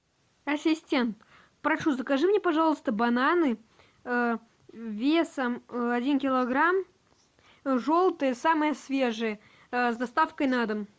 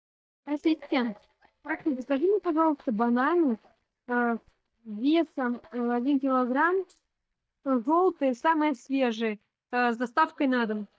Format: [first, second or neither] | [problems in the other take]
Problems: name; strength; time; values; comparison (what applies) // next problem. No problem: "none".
first | noise reduction (neural mask model DeepFilterNet 3)